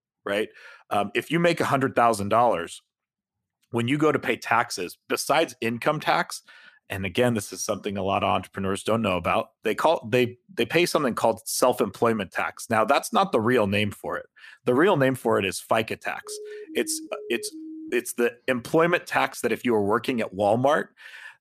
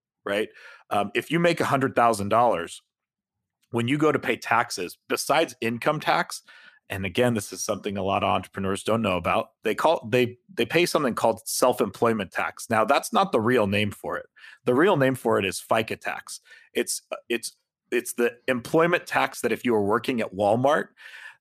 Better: second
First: siren; faint; from 16 to 18 s; peak 15 dB below the speech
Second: none

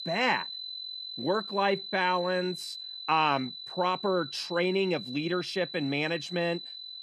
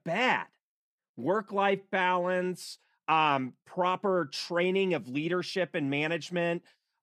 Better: second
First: high-pitched whine; loud; throughout; 4 kHz, 9 dB below the speech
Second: none

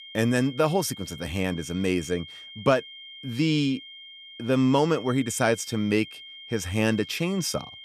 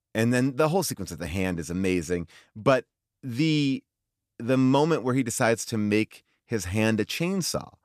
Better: second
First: high-pitched whine; noticeable; throughout; 3 kHz, 15 dB below the speech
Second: none

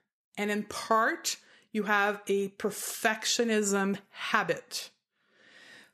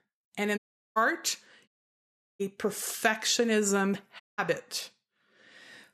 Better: first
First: none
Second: audio cutting out; at 0.5 s, at 1.5 s for 0.5 s and at 4 s

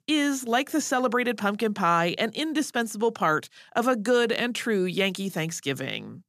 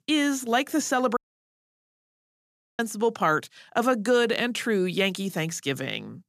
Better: first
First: none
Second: audio cutting out; at 1 s for 1.5 s

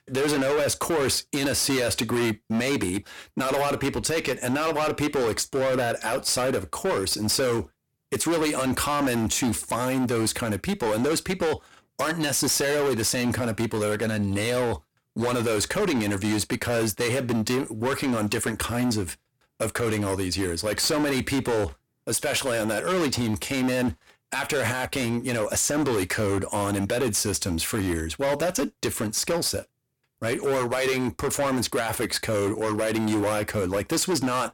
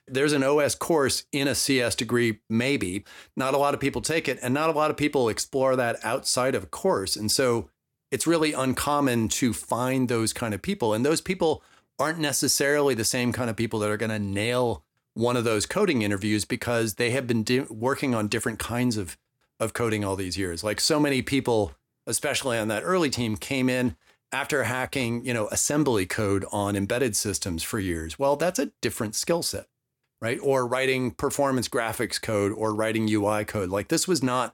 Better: second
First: distortion; heavy; 19% of the sound clipped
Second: none

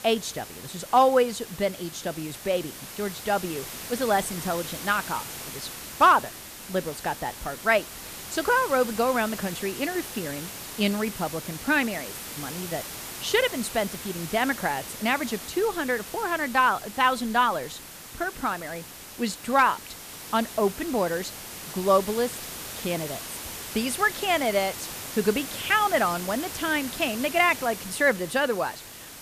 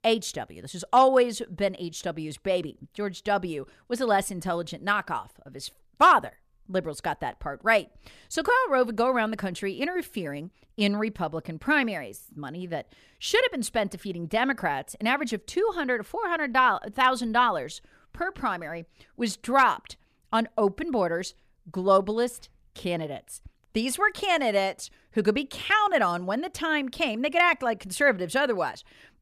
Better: second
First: hiss; noticeable; throughout; 10 dB below the speech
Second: none

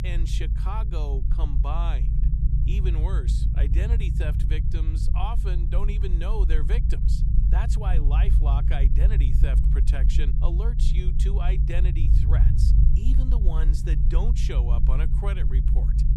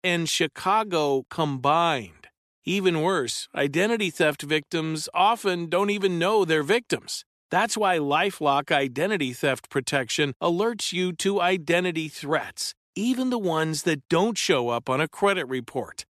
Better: second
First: low rumble; loud; throughout; 4 dB below the speech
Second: none

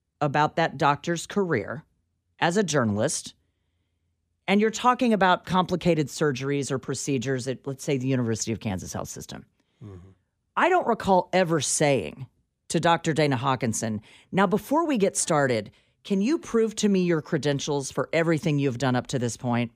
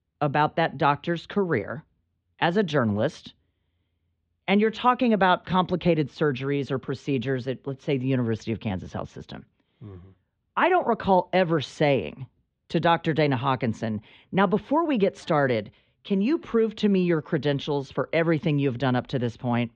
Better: first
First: none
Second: muffled; slightly; fading above 3.5 kHz

